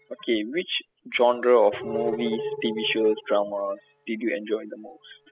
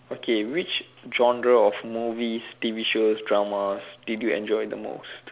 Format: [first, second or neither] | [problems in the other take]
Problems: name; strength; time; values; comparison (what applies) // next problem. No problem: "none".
second | noise reduction (classical method spectral subtraction)